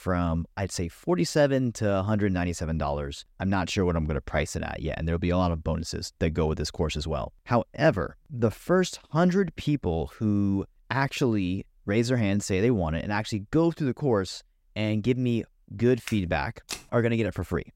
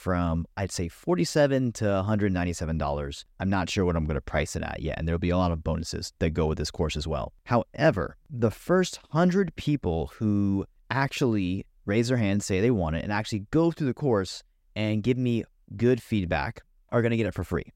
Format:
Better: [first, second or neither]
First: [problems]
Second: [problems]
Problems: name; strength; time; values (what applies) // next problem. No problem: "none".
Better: second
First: footsteps; faint; at 16 s; peak 10 dB below the speech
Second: none